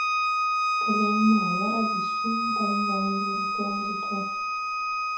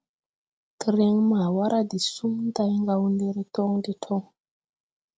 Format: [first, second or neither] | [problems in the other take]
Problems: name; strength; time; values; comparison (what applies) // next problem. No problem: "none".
second | background sound (Bowed string instrument); 3 dB above the speech // room echo; dies away in 0.6 s